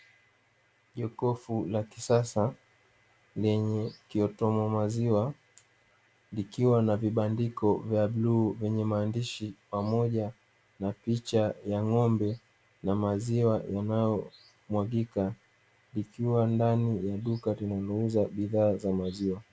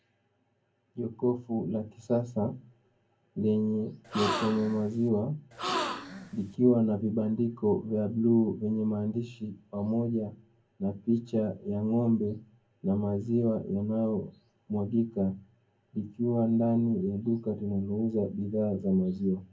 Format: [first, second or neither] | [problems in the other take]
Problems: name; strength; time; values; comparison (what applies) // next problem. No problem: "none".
first | background sound (Gasp); 5 dB below the speech // room echo; dies away in 0.3 s